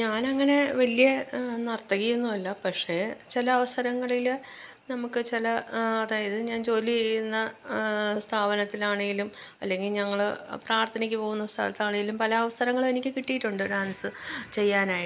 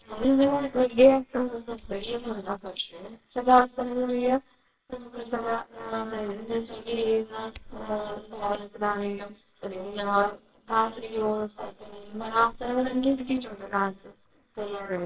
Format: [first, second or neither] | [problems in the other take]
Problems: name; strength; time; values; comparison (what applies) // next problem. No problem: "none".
first | noise reduction (neural separator model SepFormer WHAMR!)